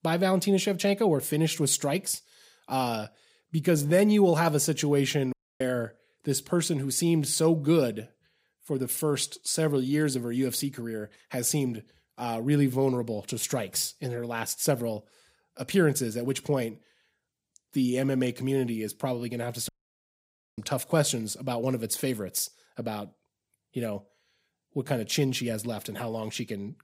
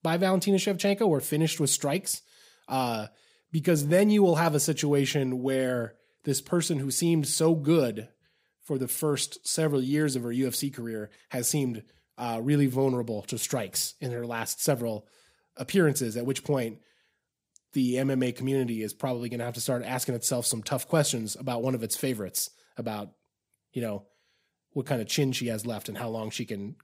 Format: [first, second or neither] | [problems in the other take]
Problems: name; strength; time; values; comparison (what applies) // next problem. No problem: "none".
second | audio cutting out; at 5.5 s and at 20 s for 1 s